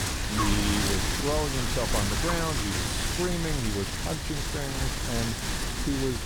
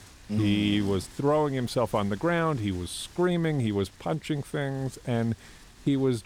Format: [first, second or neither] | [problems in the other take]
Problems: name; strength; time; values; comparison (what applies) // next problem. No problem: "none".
second | wind noise on the microphone; heavy; 4 dB above the speech; occasional gusts in the second